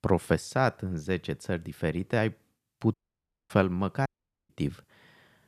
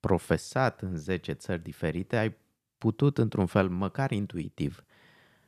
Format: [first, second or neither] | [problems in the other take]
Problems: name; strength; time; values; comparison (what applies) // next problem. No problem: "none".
second | audio cutting out; at 3 s for 0.5 s and at 4 s